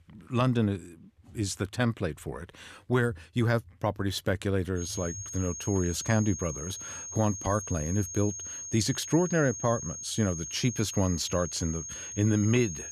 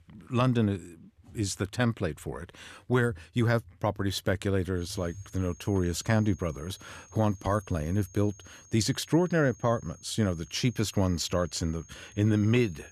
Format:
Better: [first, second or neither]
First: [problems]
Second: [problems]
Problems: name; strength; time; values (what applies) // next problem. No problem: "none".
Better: second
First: high-pitched whine; loud; from 5 s on; 6.5 kHz, 7 dB below the speech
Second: high-pitched whine; faint; from 5 s on; 6.5 kHz, 25 dB below the speech